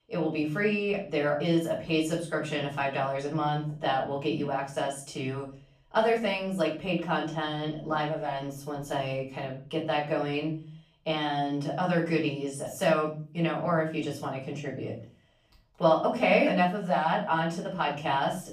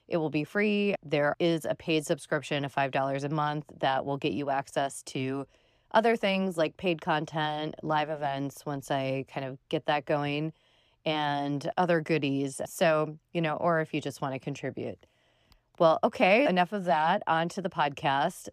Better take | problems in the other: second | off-mic speech; far // room echo; slight; dies away in 0.4 s

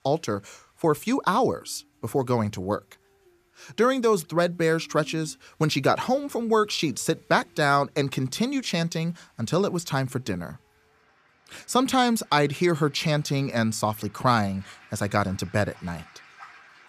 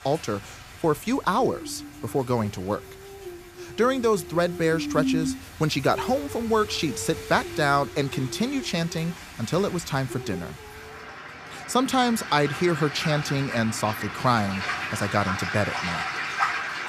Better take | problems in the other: first | rain or running water; loud; throughout; 7 dB below the speech; faint in the first

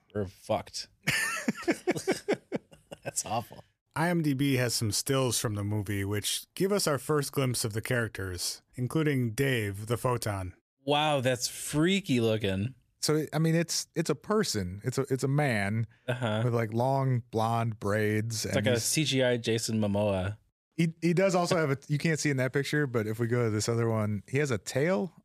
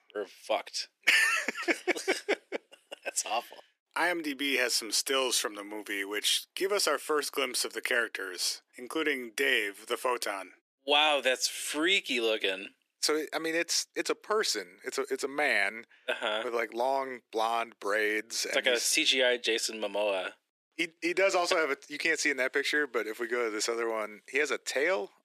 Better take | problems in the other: first | thin; very; fading below 300 Hz

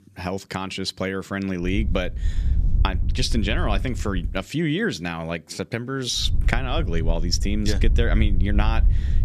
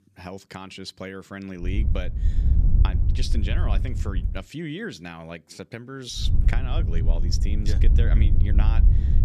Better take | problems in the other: first | wind noise on the microphone; heavy; from 1.5 to 4.5 s and from 6 s on; 5 dB below the speech; occasional gusts in the first

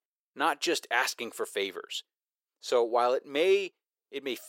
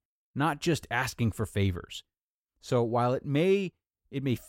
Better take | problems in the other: second | thin; very; fading below 400 Hz

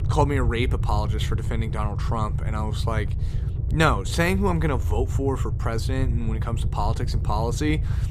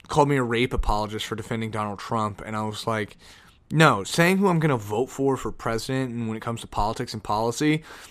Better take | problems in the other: second | low rumble; noticeable; throughout; 15 dB below the speech

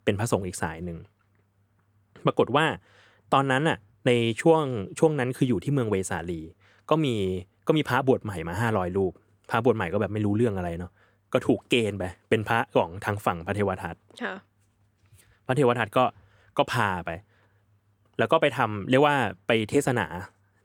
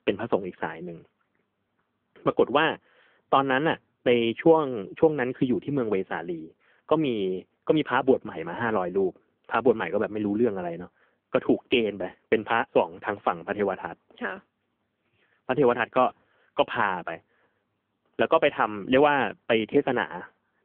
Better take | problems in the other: first | phone-call audio; poor line; nothing above 3.5 kHz

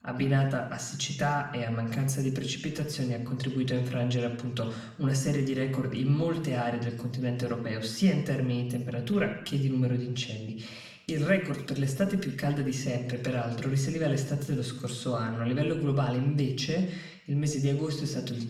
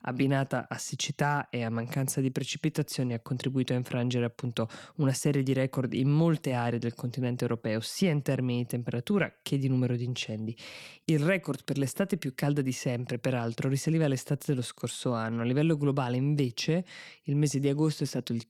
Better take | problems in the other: second | room echo; slight; dies away in 0.7 s // off-mic speech; somewhat distant

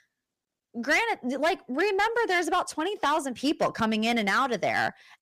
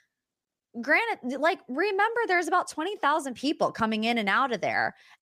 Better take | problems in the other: second | distortion; slight; 6% of the sound clipped

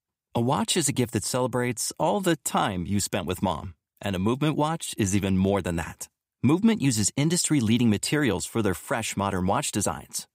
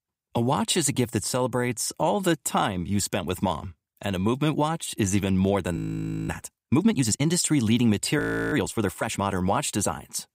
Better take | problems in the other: first | audio freezing; at 6 s for 0.5 s and at 8 s

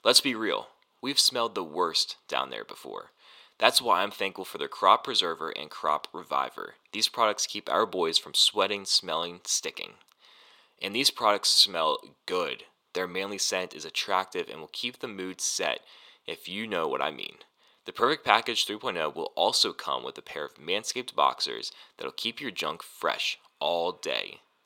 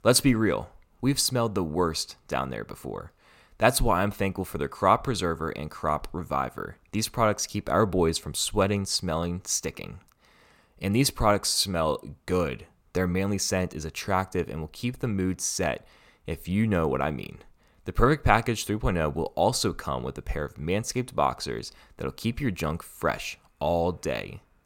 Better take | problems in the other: second | thin; somewhat; fading below 400 Hz

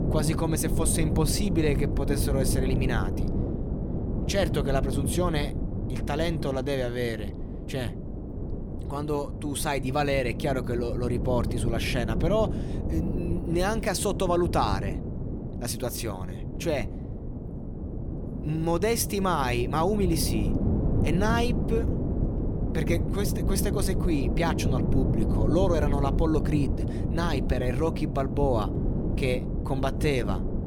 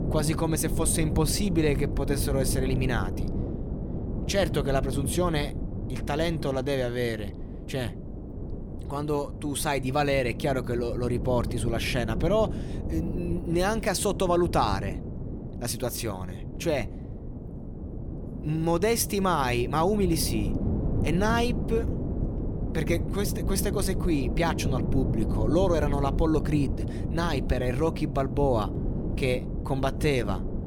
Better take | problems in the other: second | wind noise on the microphone; heavy; 8 dB below the speech; occasional gusts in the second

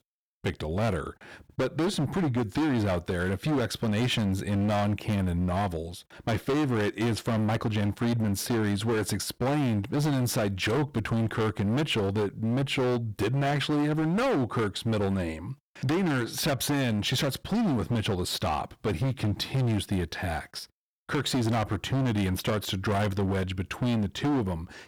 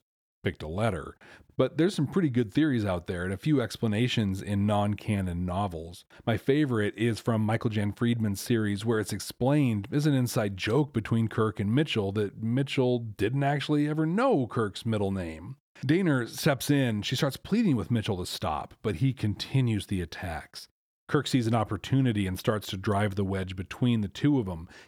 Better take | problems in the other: second | distortion; heavy; 24% of the sound clipped

